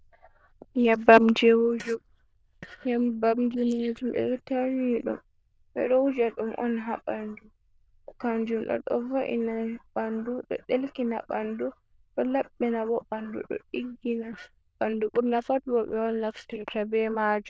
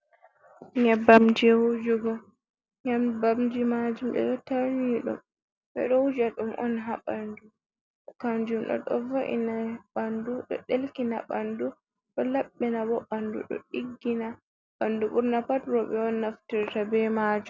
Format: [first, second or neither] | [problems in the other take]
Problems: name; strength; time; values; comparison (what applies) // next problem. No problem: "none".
second | noise reduction (neural diffusion model UNIVERSE++)